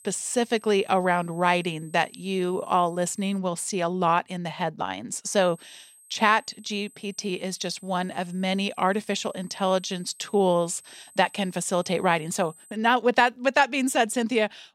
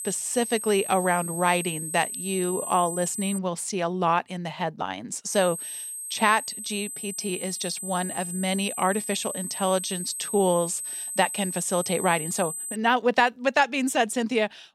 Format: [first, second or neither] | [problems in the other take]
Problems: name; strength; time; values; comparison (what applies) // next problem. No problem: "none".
first | high-pitched whine; loud; until 3.5 s and from 5.5 to 13 s; 8 kHz, 6 dB below the speech; faint in the first